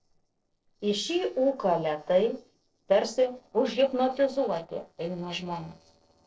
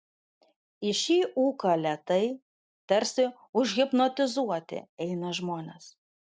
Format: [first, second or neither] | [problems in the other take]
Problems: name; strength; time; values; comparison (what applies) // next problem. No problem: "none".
second | noise reduction (neural separator model SepFormer DNS4)